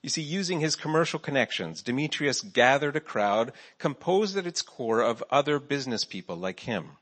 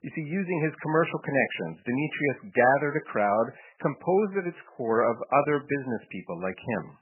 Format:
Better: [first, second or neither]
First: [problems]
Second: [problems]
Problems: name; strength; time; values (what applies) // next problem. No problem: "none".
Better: first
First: garbled, watery; slightly; nothing above 8 kHz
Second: garbled, watery; badly; nothing above 3 kHz